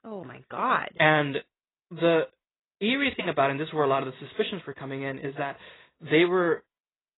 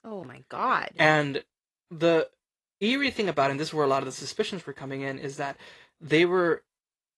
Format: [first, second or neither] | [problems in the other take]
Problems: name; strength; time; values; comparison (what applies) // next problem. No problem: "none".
second | garbled, watery; badly; nothing above 4 kHz; slightly in the second